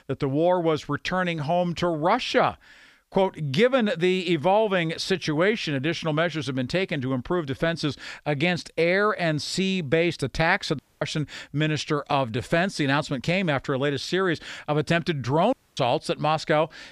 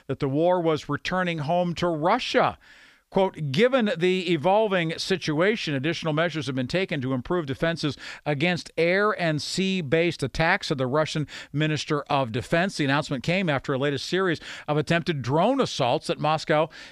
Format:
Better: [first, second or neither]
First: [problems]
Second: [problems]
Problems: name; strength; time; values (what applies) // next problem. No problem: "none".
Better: second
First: audio cutting out; at 11 s and at 16 s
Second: none